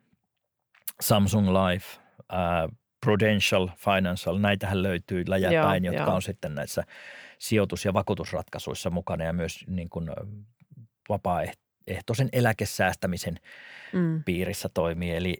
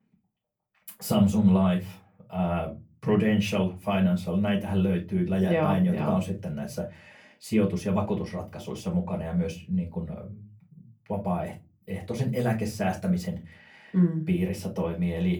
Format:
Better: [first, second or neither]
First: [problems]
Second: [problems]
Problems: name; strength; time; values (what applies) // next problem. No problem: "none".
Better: first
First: none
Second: off-mic speech; far // room echo; very slight; dies away in 0.3 s